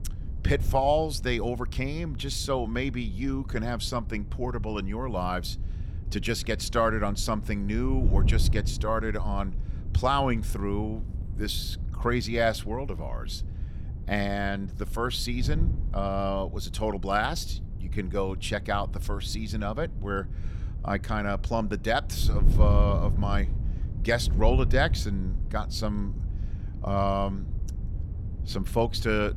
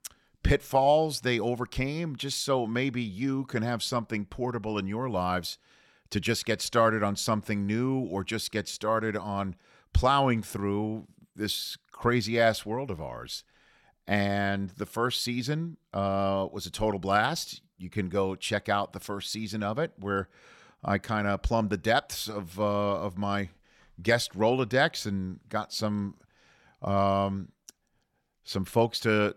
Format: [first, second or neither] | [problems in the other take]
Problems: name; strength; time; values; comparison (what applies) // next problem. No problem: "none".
second | wind noise on the microphone; occasional gusts; 20 dB below the speech